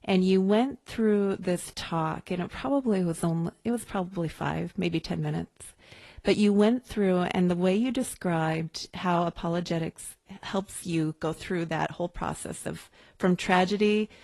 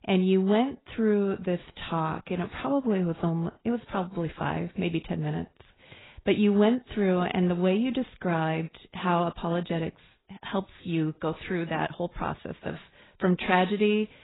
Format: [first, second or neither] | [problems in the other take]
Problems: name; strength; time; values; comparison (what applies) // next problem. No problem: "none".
first | garbled, watery; badly; nothing above 4 kHz; slightly in the first